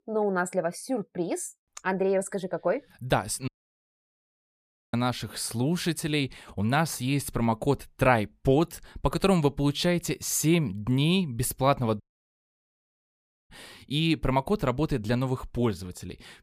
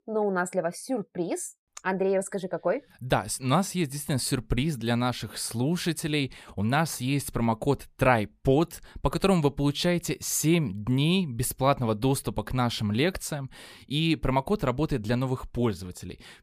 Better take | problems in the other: second | audio cutting out; at 3.5 s for 1.5 s and at 12 s for 1.5 s

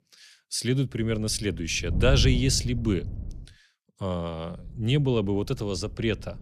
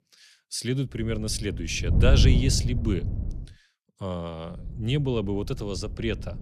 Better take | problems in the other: first | wind noise on the microphone; heavy; from 1 to 3.5 s and from 4.5 s on; 9 dB below the speech; occasional gusts in the first

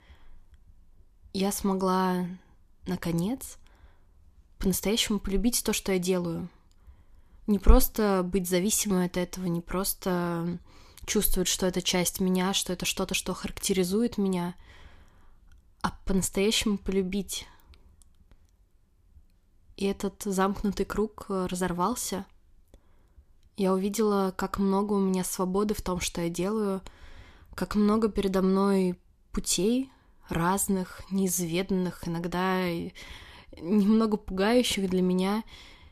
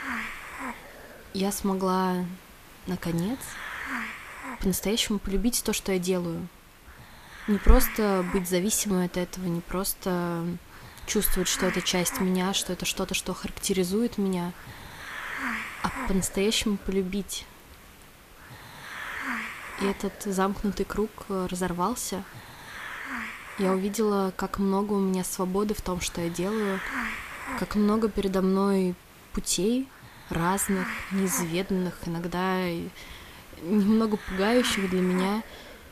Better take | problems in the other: first | hiss; noticeable; throughout; 10 dB below the speech

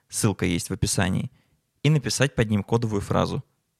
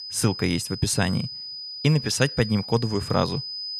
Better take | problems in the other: first | high-pitched whine; loud; throughout; 5 kHz, 9 dB below the speech

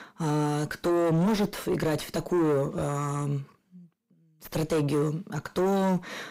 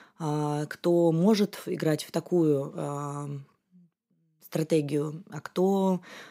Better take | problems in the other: second | distortion; heavy; 4 dB below the speech

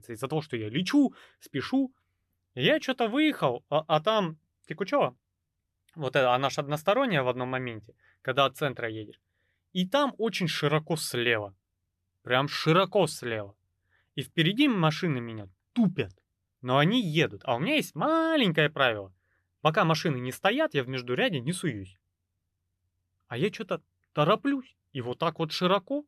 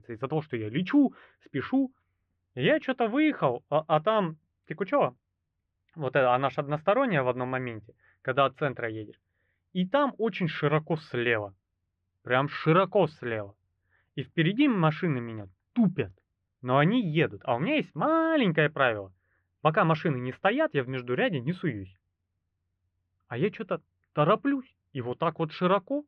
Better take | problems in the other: first | muffled; very; fading above 2.5 kHz

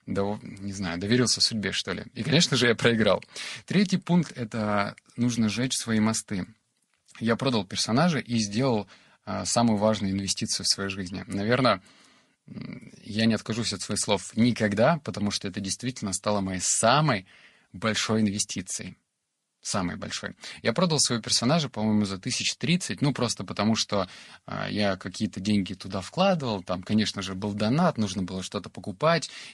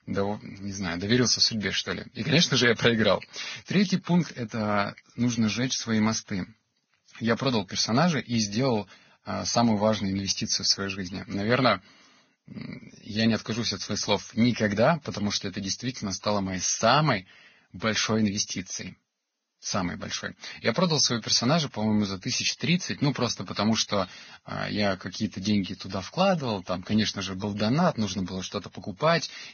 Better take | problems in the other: first | garbled, watery; badly; nothing above 6.5 kHz; slightly in the first

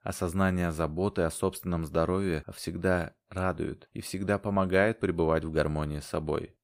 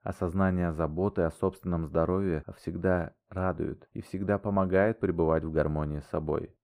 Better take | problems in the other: first | muffled; very; fading above 2 kHz

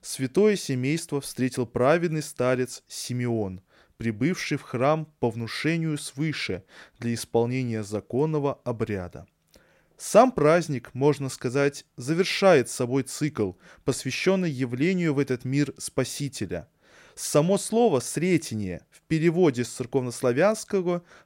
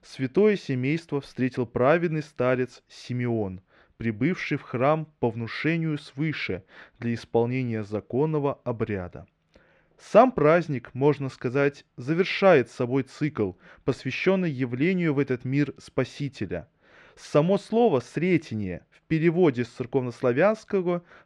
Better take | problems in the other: first | muffled; slightly; fading above 2.5 kHz

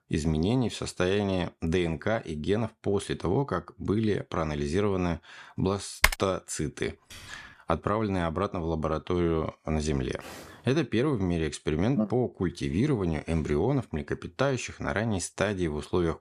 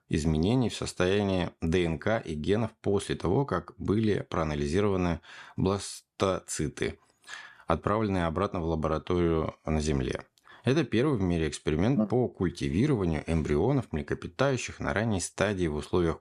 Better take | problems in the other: second | keyboard typing; loud; at 6 s; peak 4 dB above the speech // keyboard typing; faint; at 7 s; peak 15 dB below the speech // footsteps; faint; at 10 s; peak 15 dB below the speech

